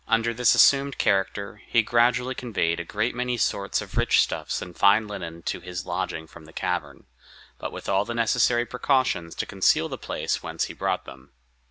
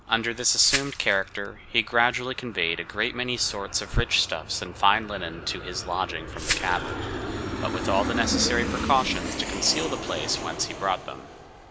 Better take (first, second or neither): first